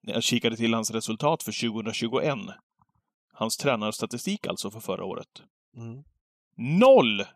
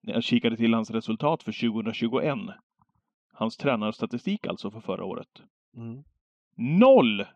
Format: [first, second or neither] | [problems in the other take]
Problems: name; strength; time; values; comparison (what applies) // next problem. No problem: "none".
first | muffled; slightly; fading above 3 kHz